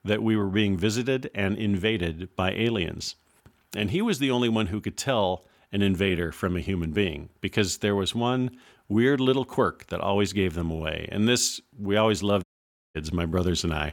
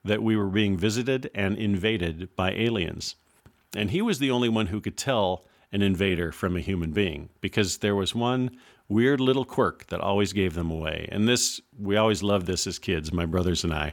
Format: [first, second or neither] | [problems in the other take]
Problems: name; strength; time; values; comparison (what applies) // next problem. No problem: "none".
second | audio cutting out; at 12 s for 0.5 s